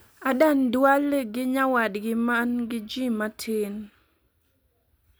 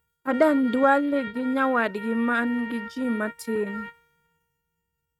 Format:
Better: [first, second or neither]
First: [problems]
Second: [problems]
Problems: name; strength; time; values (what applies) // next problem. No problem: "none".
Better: first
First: none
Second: noise reduction (neural mask model RNNoise)